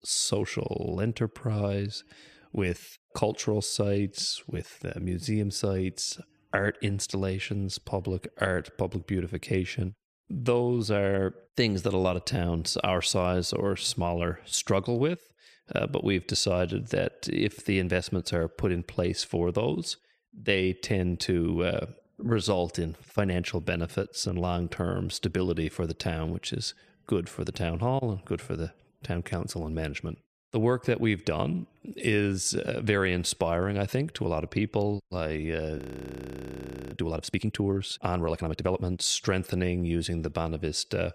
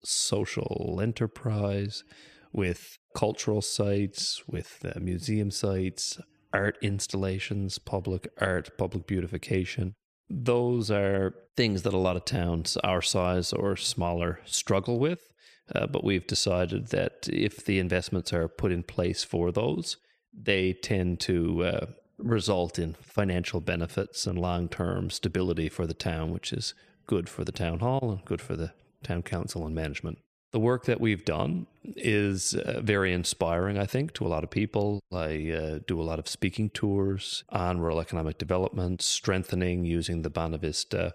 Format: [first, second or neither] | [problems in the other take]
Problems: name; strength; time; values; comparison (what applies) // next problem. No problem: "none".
second | audio freezing; at 36 s for 1 s